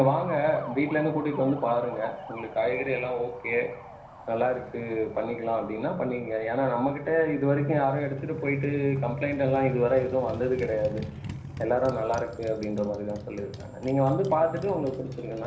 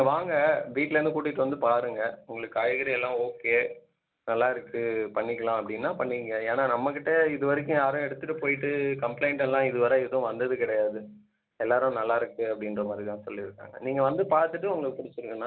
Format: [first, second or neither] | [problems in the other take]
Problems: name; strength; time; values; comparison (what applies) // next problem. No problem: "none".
second | background sound (Motorcycle); 14 dB below the speech // room echo; dies away in 0.5 s